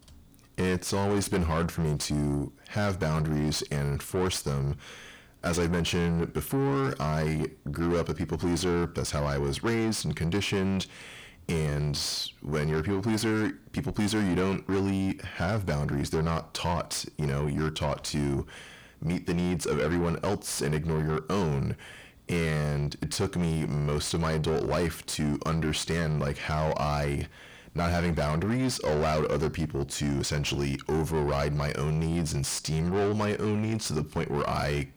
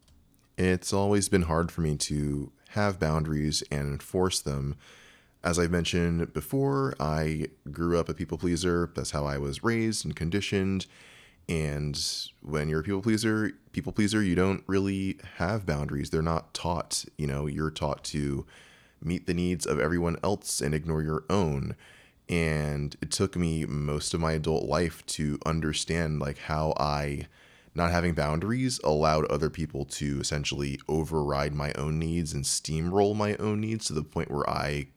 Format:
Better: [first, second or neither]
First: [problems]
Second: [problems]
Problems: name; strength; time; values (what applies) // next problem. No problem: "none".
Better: second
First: distortion; heavy; 8 dB below the speech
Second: none